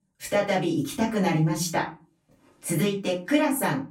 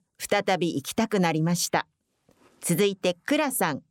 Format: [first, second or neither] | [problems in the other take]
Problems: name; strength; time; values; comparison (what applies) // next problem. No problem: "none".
second | room echo; slight; dies away in 0.3 s // off-mic speech; far